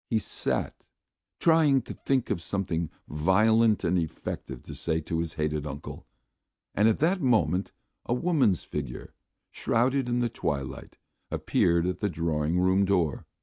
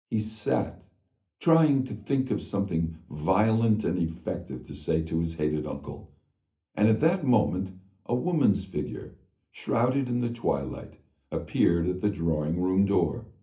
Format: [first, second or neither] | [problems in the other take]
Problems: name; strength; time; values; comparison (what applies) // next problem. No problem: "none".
first | room echo; dies away in 0.3 s